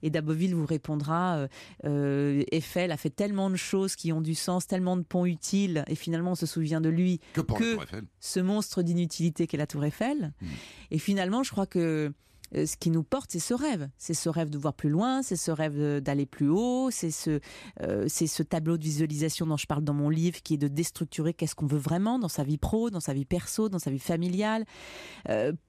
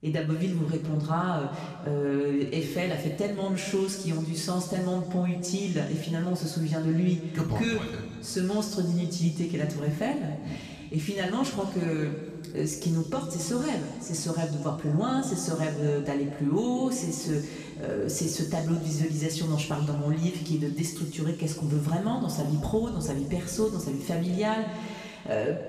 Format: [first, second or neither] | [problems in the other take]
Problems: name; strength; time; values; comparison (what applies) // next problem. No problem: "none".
first | room echo; noticeable; dies away in 1.8 s // off-mic speech; somewhat distant